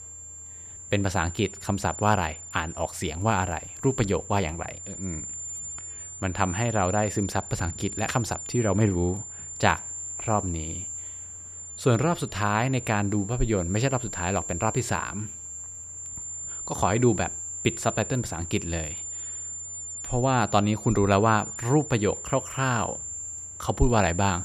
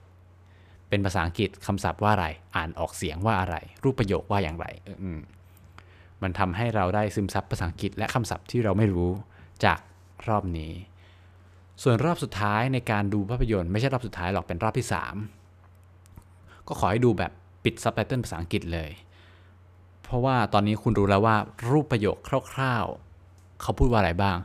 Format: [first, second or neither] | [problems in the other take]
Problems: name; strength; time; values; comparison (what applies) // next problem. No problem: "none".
second | high-pitched whine; loud; throughout; 7.5 kHz, 8 dB below the speech